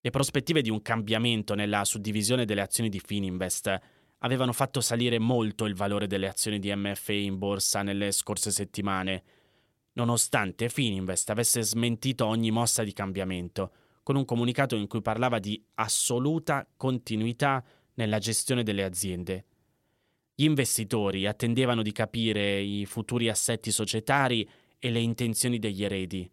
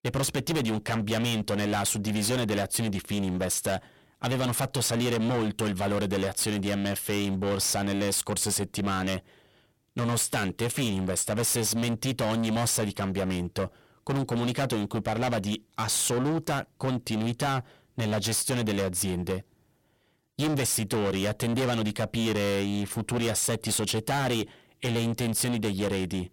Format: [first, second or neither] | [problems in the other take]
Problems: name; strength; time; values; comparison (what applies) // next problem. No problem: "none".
first | distortion; heavy; 25% of the sound clipped